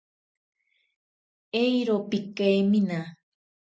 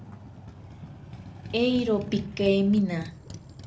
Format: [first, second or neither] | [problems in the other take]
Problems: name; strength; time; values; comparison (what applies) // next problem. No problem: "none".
first | background sound (Motorcycle); 13 dB below the speech